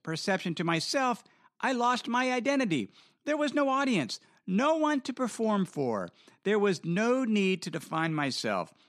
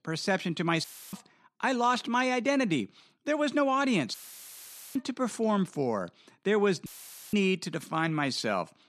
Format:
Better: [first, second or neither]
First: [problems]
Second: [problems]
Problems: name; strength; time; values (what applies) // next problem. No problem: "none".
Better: first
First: none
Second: audio cutting out; filled with static; at 1 s, at 4 s for 1 s and at 7 s